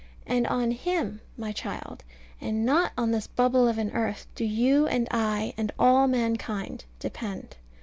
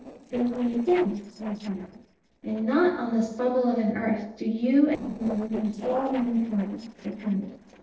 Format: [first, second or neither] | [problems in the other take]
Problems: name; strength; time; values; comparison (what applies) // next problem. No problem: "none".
first | noise reduction (neural separator model SepFormer DNS4)